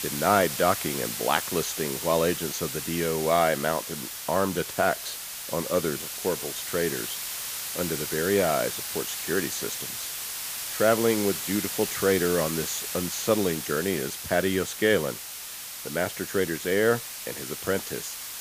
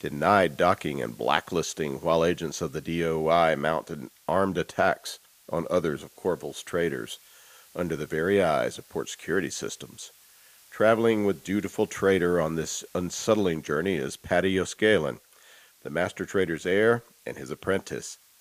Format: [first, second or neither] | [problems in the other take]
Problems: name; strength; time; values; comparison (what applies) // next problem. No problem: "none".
second | hiss; loud; throughout; 5 dB below the speech; faint in the second